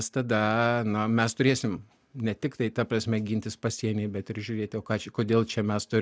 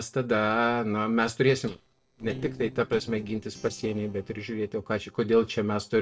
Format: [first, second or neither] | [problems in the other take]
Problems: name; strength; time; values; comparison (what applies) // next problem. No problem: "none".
first | noise reduction (neural separator model SepFormer DNS4)